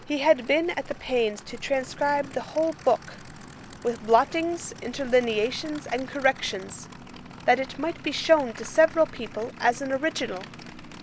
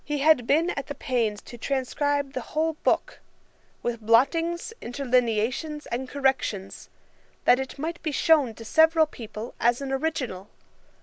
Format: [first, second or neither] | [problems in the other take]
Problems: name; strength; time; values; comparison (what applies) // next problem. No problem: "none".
second | background sound (Idling / Aircraft); 17 dB below the speech